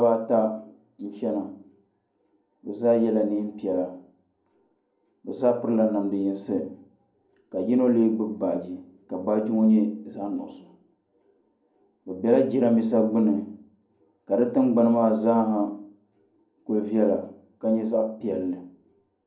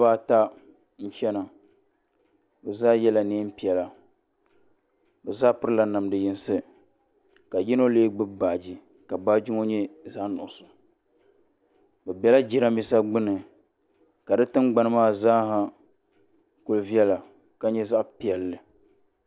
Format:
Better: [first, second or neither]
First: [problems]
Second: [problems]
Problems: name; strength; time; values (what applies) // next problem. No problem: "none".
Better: second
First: room echo; dies away in 0.5 s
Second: none